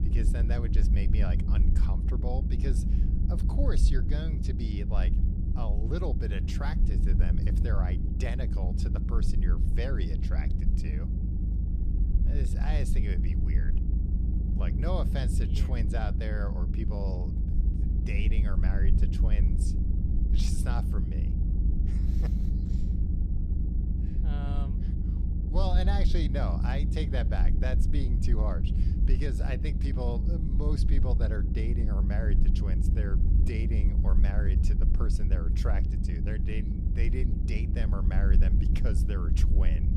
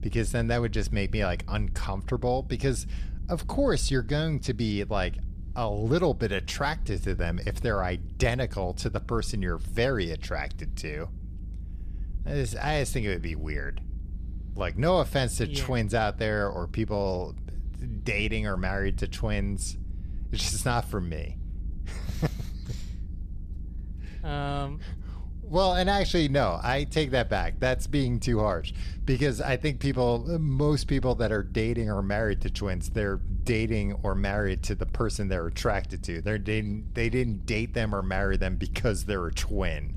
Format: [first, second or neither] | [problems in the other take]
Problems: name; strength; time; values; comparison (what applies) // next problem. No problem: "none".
second | low rumble; loud; throughout; 3 dB below the speech; faint in the second